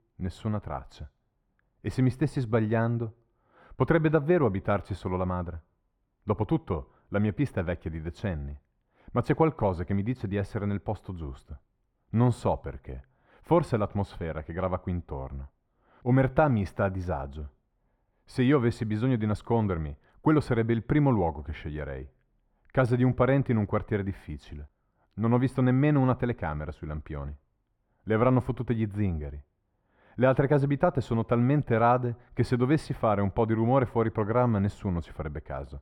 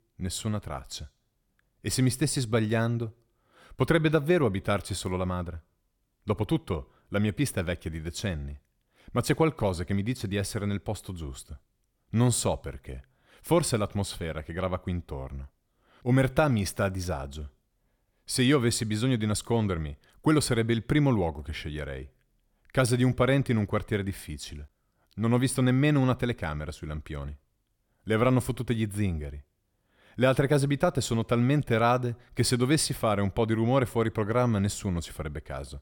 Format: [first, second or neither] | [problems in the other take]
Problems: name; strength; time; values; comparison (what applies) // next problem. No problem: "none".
second | muffled; very; fading above 3.5 kHz